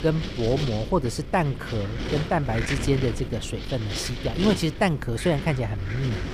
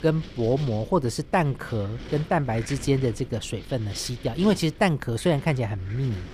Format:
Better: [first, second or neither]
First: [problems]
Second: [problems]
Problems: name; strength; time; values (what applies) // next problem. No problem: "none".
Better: second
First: wind noise on the microphone; heavy; 6 dB below the speech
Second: wind noise on the microphone; occasional gusts; 15 dB below the speech